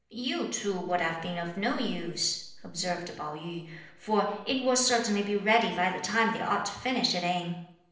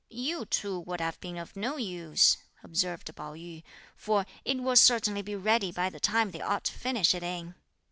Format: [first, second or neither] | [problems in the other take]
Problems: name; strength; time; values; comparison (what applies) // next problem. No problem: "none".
second | noise reduction (neural separator model SepFormer DNS4)